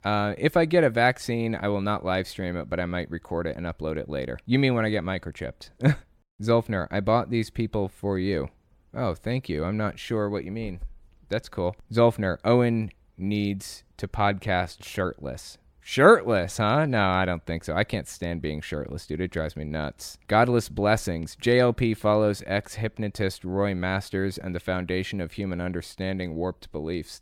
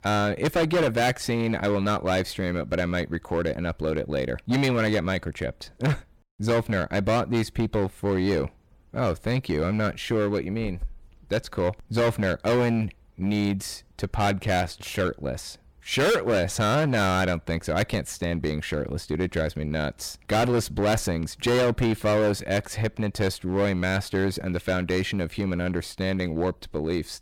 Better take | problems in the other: first | distortion; heavy; 11% of the sound clipped

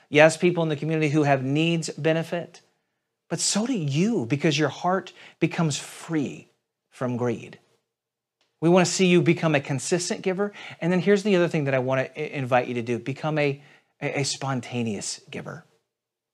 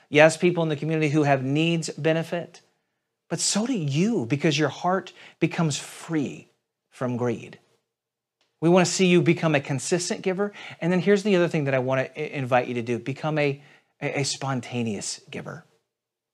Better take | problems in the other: neither | none

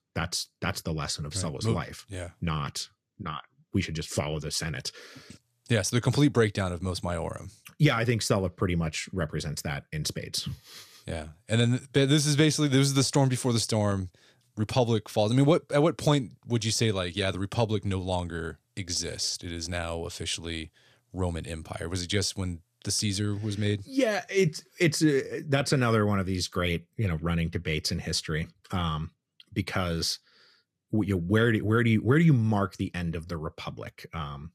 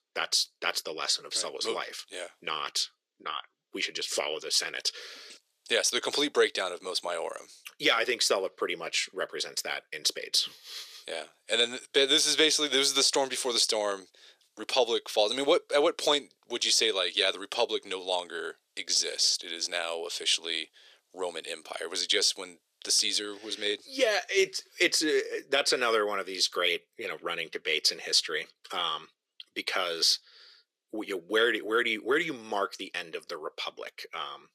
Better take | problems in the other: first | thin; very; fading below 400 Hz

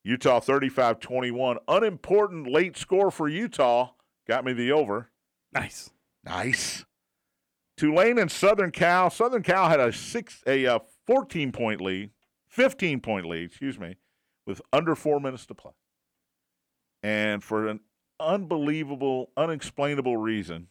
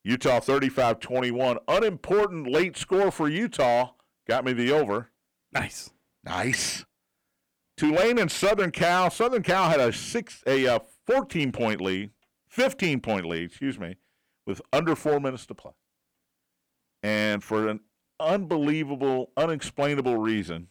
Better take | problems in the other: first | distortion; slight; 7% of the sound clipped

